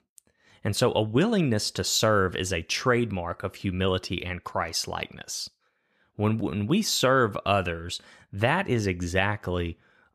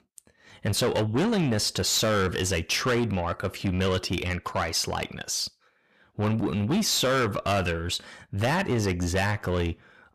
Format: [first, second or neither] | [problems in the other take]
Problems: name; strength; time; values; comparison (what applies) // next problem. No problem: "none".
first | distortion; heavy; 7 dB below the speech